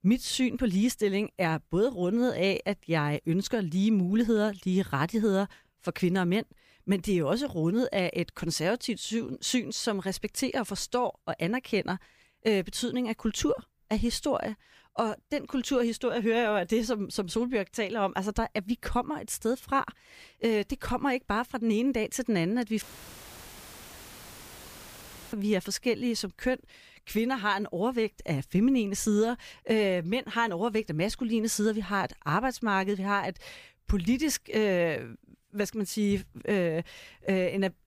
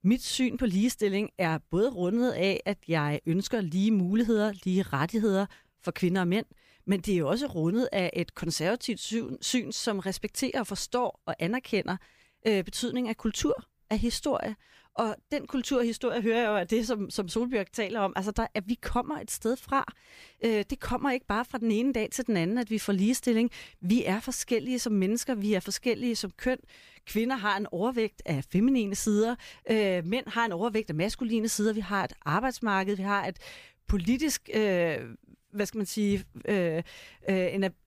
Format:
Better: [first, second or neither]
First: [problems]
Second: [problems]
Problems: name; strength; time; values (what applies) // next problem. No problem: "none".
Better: second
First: audio cutting out; filled with static; at 23 s for 2.5 s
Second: none